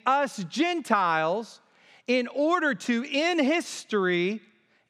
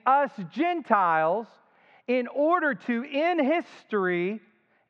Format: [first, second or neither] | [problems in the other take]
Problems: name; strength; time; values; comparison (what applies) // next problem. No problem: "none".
first | muffled; very; fading above 2 kHz